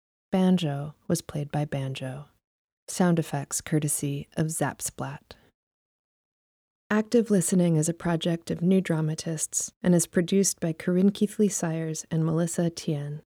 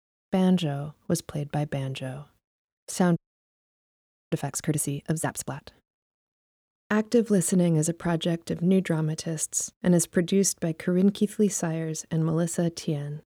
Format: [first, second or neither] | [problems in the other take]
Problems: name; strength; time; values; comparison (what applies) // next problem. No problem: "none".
first | audio freezing; at 3 s for 1 s